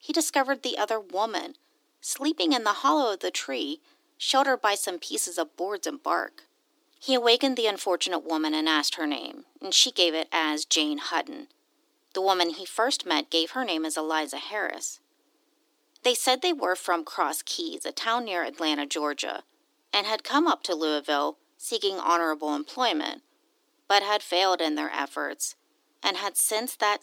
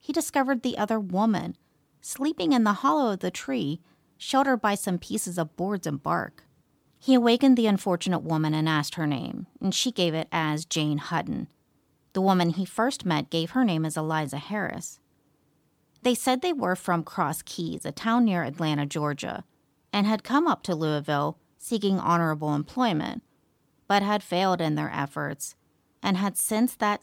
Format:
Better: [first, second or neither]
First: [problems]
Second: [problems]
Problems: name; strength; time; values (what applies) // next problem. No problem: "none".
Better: second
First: thin; somewhat; fading below 300 Hz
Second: none